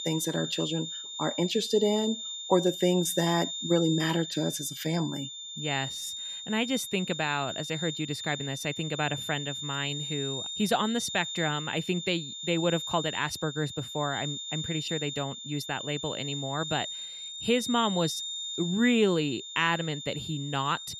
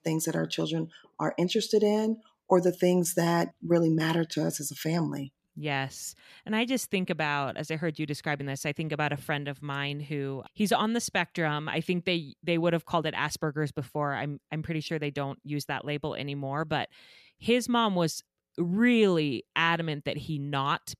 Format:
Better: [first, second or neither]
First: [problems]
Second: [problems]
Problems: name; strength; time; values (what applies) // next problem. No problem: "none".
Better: second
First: high-pitched whine; loud; throughout; 3.5 kHz, 5 dB below the speech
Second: none